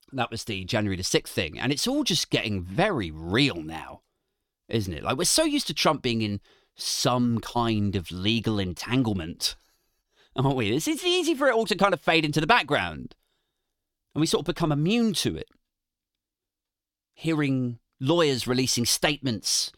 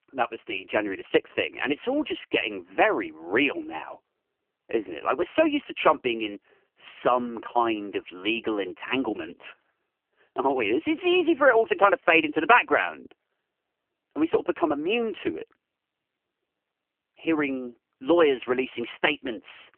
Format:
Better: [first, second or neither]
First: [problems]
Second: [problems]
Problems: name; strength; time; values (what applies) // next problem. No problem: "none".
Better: first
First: none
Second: phone-call audio; poor line; nothing above 3 kHz